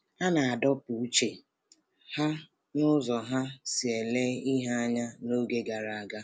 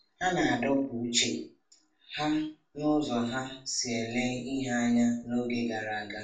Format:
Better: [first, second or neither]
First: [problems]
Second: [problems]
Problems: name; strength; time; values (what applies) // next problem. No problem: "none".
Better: first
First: none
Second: room echo; dies away in 0.4 s